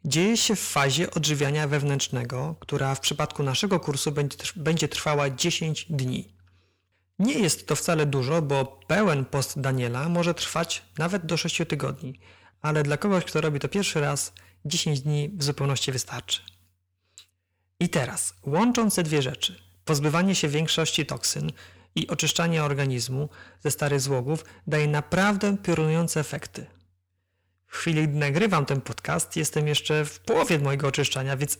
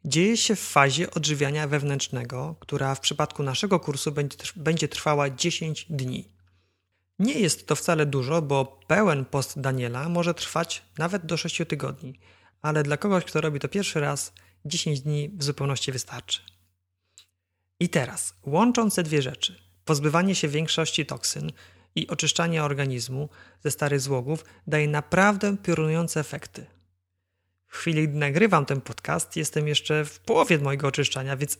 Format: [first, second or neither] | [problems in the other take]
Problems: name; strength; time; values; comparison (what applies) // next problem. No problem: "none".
second | distortion; slight; 10 dB below the speech